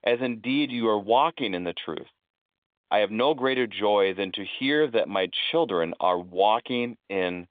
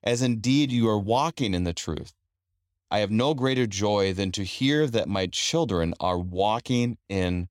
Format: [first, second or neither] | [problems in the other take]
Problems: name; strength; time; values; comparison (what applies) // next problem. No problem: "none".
second | phone-call audio